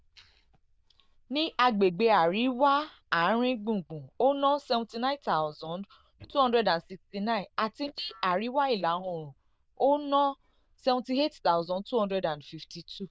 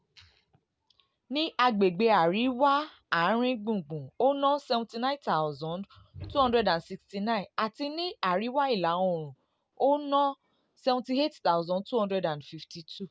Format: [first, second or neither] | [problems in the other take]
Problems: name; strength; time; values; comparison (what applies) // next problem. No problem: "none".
second | noise reduction (neural diffusion model UNIVERSE++)